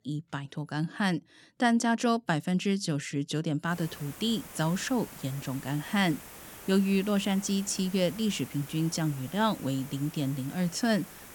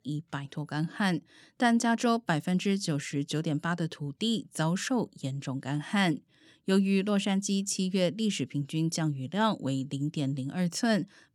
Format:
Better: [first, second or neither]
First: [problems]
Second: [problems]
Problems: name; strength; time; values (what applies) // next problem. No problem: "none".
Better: second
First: hiss; noticeable; from 3.5 s on; 15 dB below the speech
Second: none